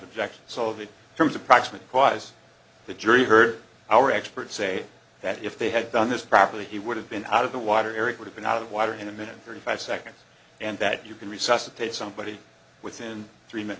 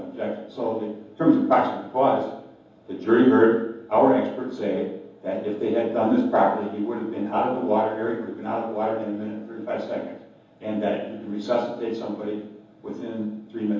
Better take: first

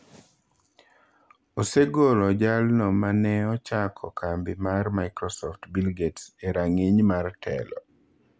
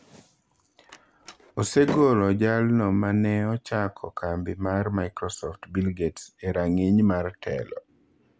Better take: first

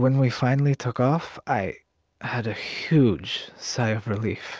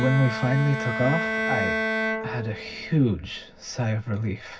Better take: first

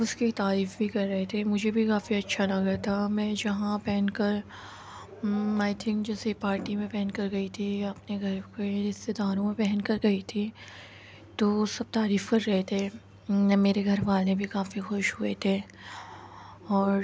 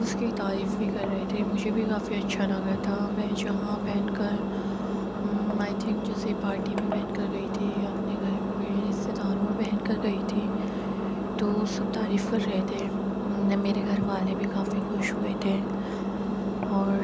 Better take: first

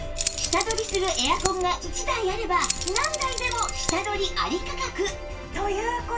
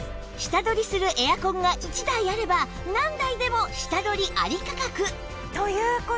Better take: second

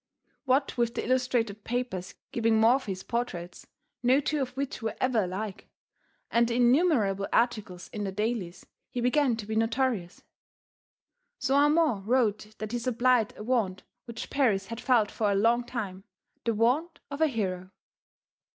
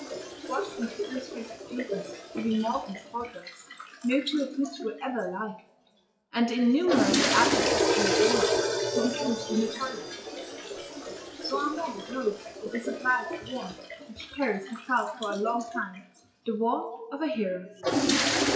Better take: first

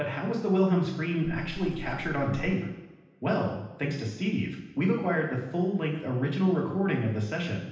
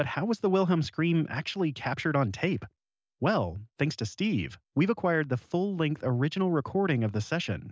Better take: second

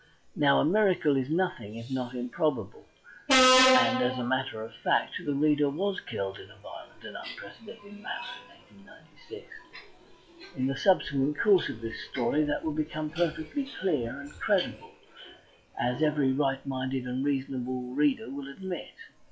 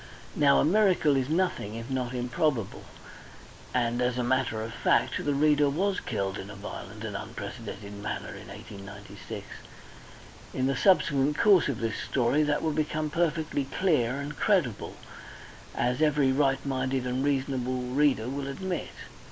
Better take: second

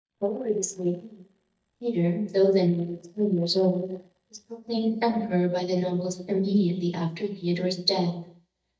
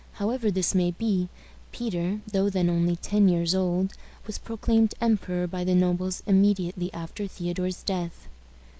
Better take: second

